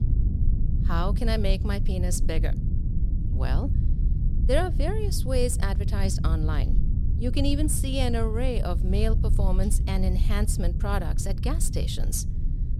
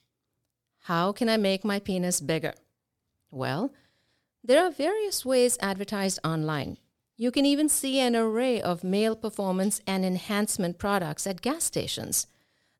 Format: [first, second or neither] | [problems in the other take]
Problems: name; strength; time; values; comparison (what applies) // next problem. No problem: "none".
second | low rumble; noticeable; throughout; 10 dB below the speech